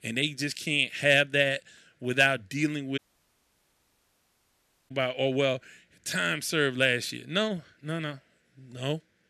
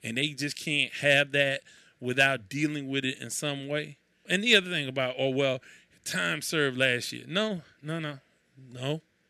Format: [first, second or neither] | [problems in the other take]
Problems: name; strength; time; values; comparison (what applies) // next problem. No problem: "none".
second | audio cutting out; at 3 s for 2 s